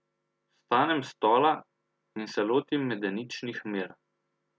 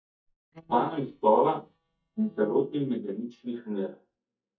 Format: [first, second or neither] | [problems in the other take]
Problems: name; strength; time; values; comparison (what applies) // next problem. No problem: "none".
first | noise reduction (neural mask model DeepFilterNet 3)